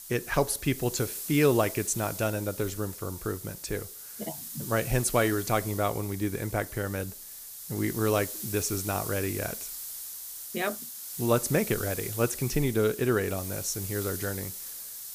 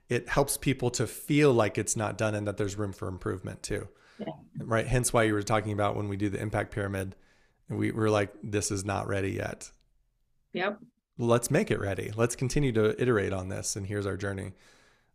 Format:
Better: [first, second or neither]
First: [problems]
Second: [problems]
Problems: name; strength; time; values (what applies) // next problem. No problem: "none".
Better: second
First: hiss; loud; throughout; 7 dB below the speech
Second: none